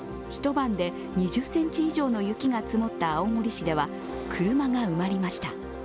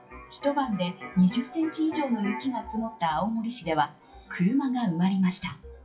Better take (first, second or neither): first